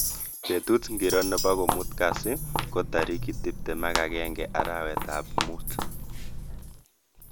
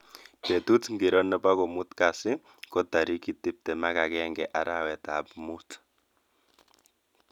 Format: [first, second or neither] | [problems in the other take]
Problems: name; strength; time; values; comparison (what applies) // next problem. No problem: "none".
second | background sound (Walk, footsteps + Chink, clink); 2 dB below the speech